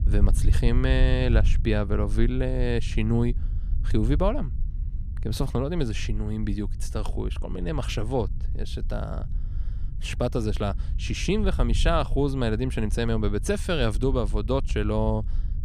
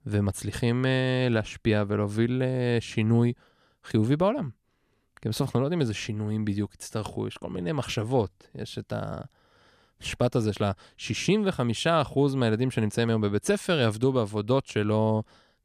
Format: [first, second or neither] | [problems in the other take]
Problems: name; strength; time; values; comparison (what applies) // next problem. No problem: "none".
second | low rumble; noticeable; throughout; 20 dB below the speech